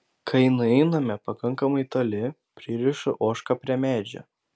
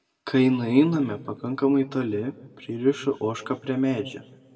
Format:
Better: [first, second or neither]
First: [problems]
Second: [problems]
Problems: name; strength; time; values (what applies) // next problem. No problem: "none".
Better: first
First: none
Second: room echo; dies away in 1.1 s